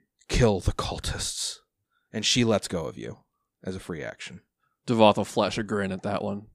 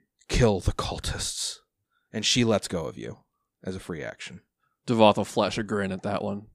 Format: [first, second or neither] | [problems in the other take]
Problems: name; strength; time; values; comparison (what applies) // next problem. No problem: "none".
neither | none